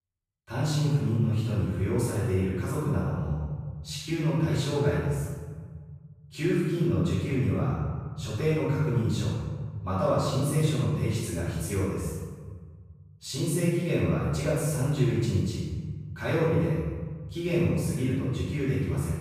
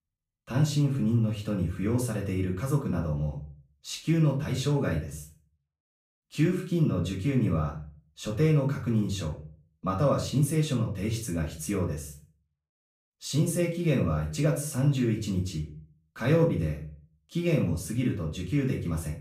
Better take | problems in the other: second | room echo; strong; dies away in 1.5 s; slight in the second // off-mic speech; far; far in the second

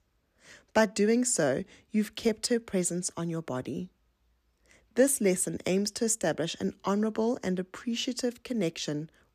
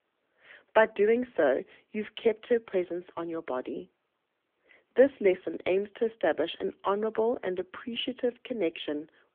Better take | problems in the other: first | phone-call audio; nothing above 3.5 kHz

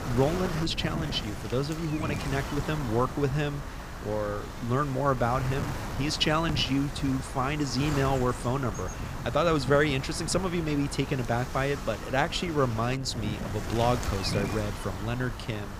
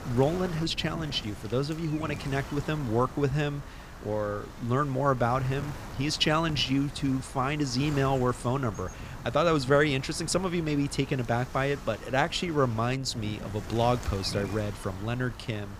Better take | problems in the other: second | wind noise on the microphone; heavy; 8 dB below the speech; occasional gusts in the second

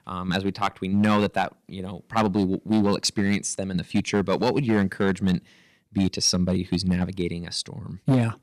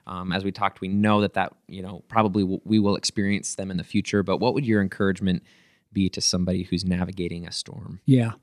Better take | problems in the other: second | distortion; slight; 4% of the sound clipped

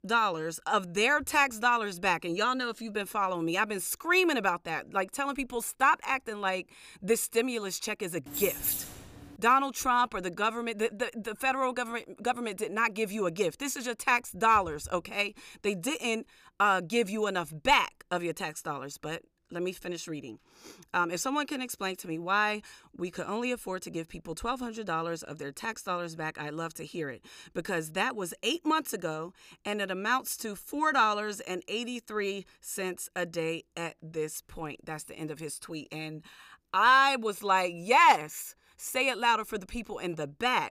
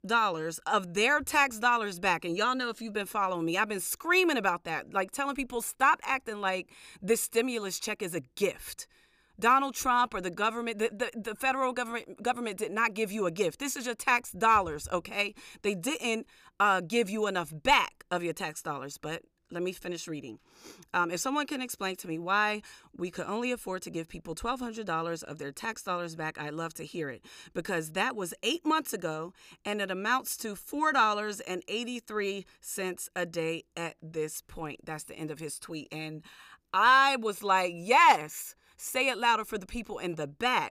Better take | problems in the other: second | jangling keys; loud; at 8.5 s; peak level with the speech

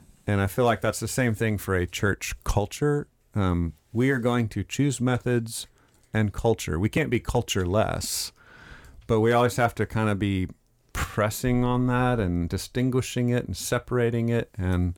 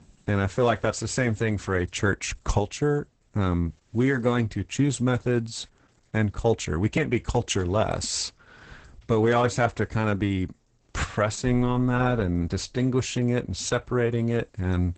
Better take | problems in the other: first | garbled, watery; badly; nothing above 8 kHz

